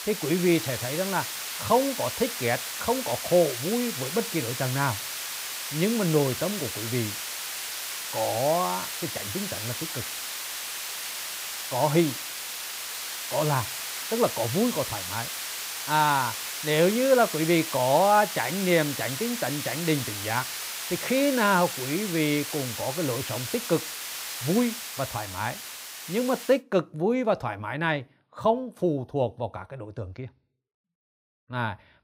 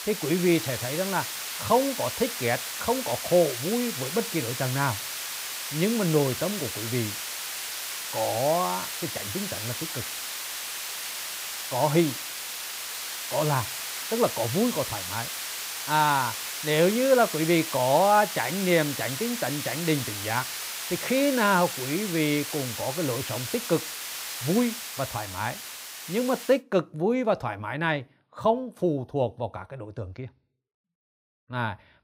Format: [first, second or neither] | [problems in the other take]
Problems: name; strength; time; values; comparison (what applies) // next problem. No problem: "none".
neither | hiss; loud; until 27 s; 5 dB below the speech; the same in both